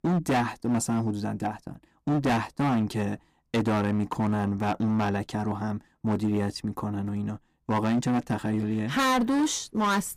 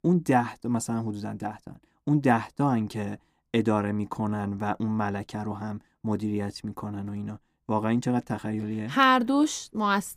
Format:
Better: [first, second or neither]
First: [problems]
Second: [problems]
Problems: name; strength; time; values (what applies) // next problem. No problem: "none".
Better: second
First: distortion; heavy; 12% of the sound clipped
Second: none